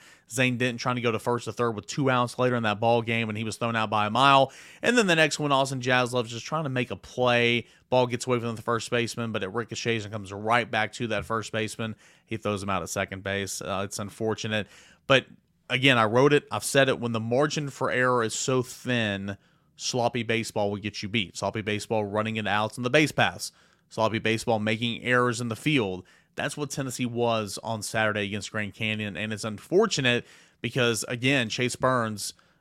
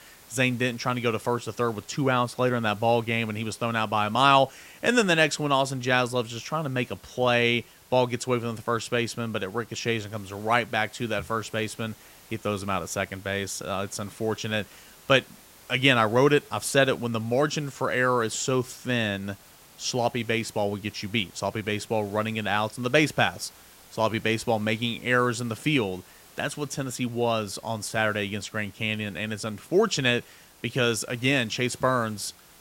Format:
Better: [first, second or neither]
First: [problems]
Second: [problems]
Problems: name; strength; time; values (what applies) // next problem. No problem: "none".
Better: first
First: none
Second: hiss; faint; throughout; 25 dB below the speech